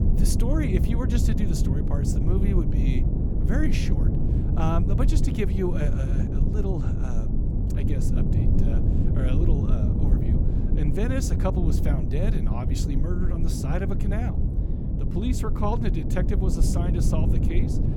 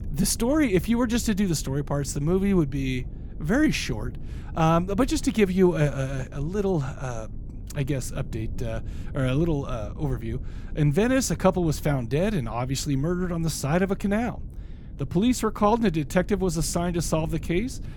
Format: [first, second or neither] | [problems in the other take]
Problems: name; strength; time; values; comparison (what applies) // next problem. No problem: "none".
second | low rumble; loud; throughout; 2 dB below the speech; faint in the second